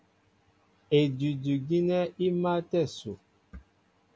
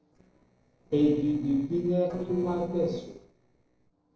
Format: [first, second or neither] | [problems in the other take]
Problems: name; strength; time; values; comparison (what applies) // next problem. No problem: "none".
first | noise reduction (neural separator model SepFormer DNS4)